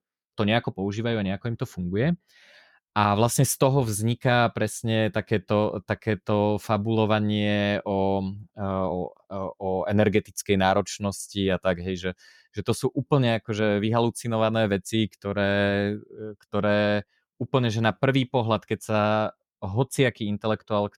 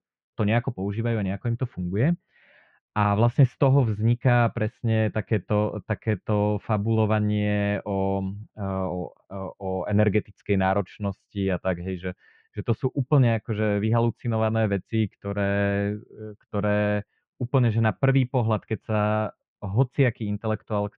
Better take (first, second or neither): first